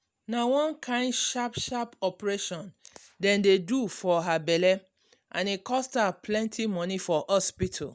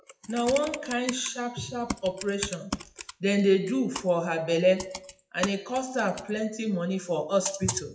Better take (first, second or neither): first